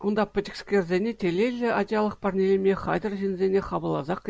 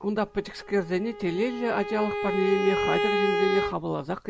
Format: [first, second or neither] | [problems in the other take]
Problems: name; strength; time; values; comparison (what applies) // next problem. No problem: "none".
first | background sound (Bowed string instrument); 2 dB below the speech